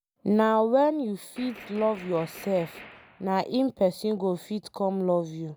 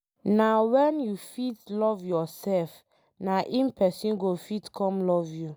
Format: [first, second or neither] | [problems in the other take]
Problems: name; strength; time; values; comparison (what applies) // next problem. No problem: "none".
second | background sound (Gunshot, gunfire); 20 dB below the speech